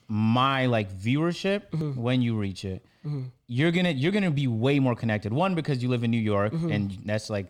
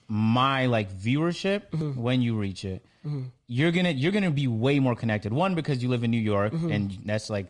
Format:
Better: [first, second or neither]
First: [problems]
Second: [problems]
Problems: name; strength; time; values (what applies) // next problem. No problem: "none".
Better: first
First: none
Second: garbled, watery; slightly